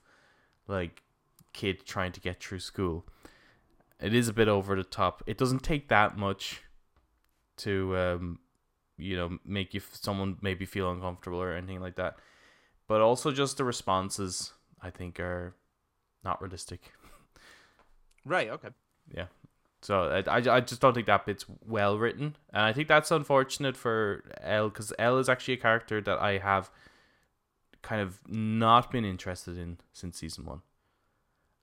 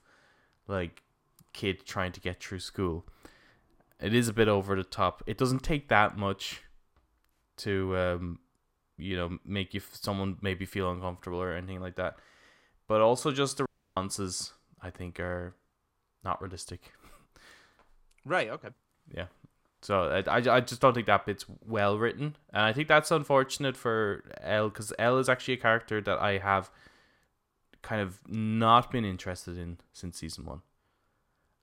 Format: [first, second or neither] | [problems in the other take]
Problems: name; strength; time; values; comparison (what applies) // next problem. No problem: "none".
first | audio cutting out; at 14 s